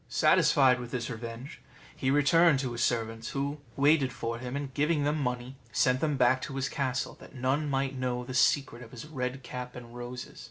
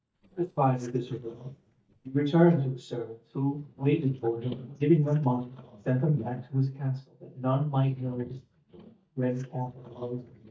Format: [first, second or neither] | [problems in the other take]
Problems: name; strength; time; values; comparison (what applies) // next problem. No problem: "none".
first | noise reduction (neural mask model DeepFilterNet 3)